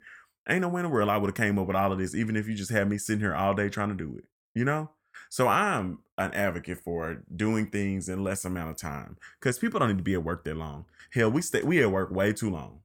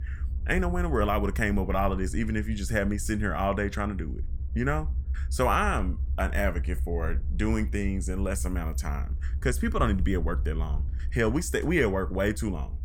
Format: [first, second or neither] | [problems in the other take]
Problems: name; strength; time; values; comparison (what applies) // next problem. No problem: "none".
first | low rumble; faint; throughout; 20 dB below the speech